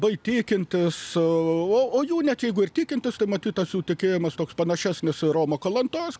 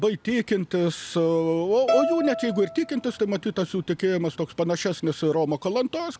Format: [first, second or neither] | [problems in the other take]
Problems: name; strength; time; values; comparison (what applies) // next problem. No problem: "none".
first | background sound (Bowed string instrument); 5 dB below the speech